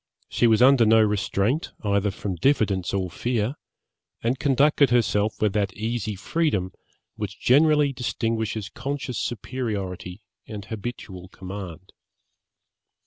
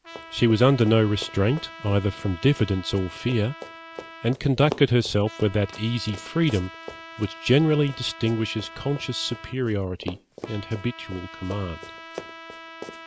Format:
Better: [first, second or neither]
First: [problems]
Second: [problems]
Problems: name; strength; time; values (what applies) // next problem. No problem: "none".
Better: first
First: none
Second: background sound (Run + Trumpet); 16 dB below the speech